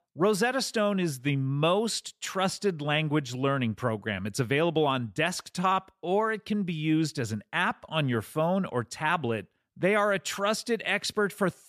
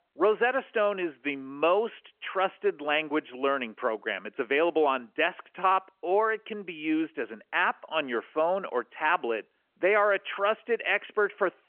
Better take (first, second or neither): first